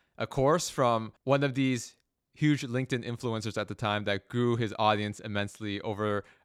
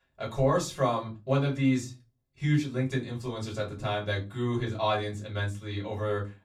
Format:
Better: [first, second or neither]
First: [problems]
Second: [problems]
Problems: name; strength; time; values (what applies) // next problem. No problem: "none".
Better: first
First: none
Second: off-mic speech; far // room echo; very slight; dies away in 0.3 s